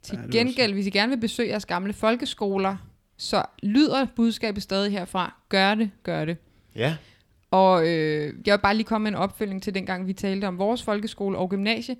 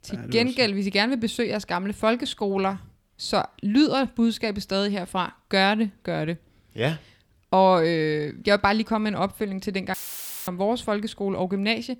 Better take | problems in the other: first | audio cutting out; filled with static; at 10 s for 0.5 s

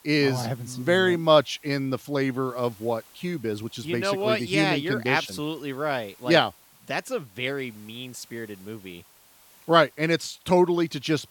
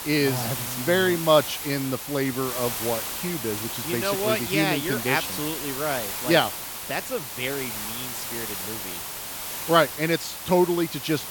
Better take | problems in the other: first | hiss; loud; throughout; 5 dB below the speech; faint in the first

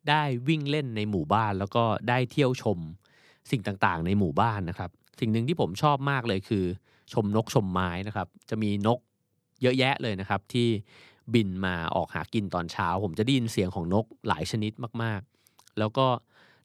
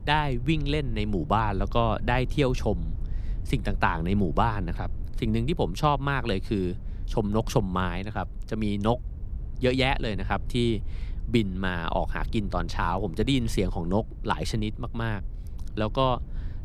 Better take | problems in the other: first | low rumble; faint; throughout; 25 dB below the speech

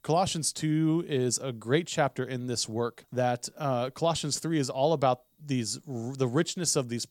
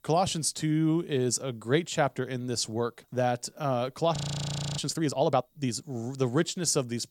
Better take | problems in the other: first | audio freezing; at 4 s for 0.5 s

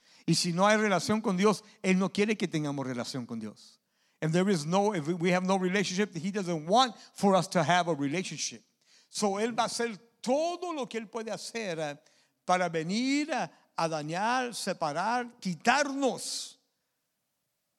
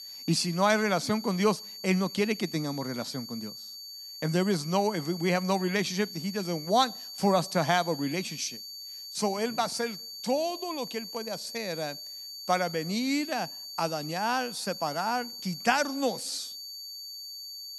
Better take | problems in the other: first | high-pitched whine; loud; throughout; 4.5 kHz, 10 dB below the speech

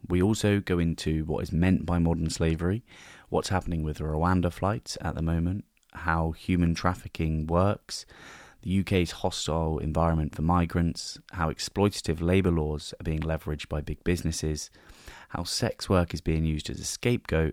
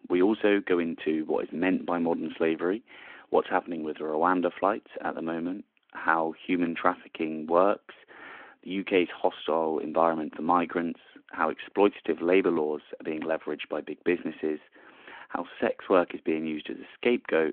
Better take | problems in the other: first | phone-call audio

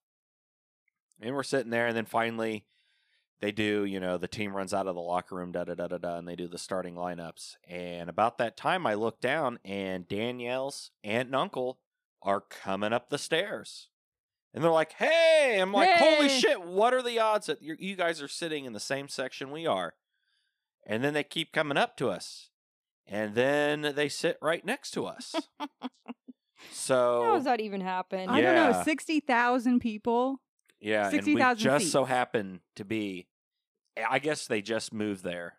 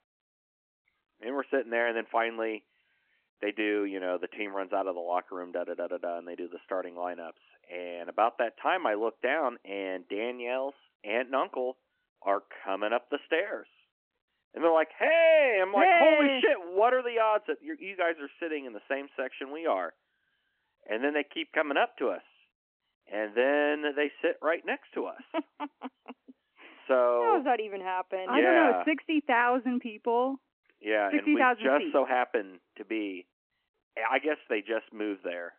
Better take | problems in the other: first | phone-call audio

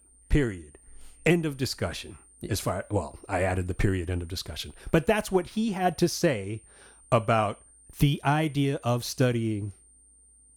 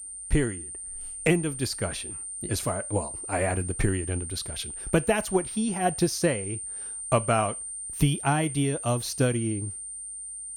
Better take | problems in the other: first | high-pitched whine; loud; throughout; 9 kHz, 6 dB below the speech; faint in the first

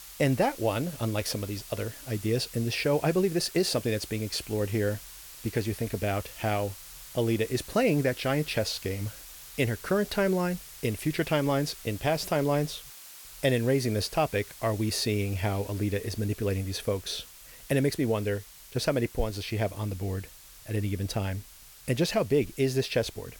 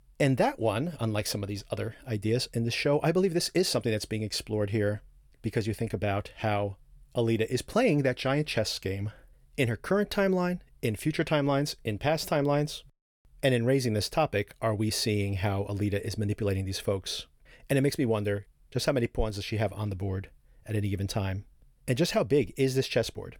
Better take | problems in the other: second | hiss; noticeable; throughout; 15 dB below the speech

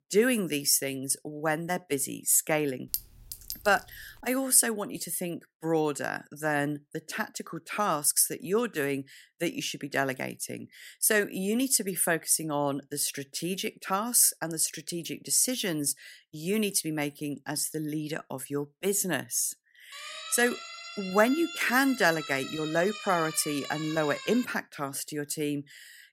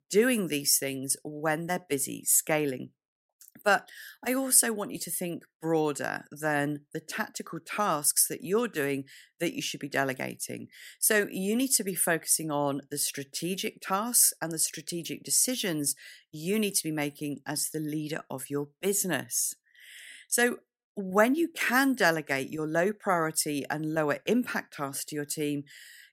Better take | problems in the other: second | clattering dishes; noticeable; at 3 s; peak 6 dB below the speech // siren; noticeable; from 20 to 24 s; peak 10 dB below the speech

